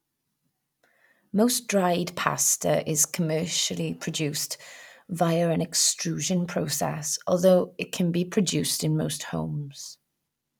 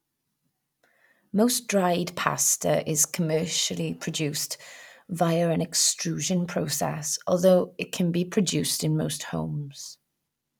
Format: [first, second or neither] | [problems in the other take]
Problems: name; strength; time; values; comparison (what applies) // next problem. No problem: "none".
first | background sound (Dishes, pots, and pans); 15 dB below the speech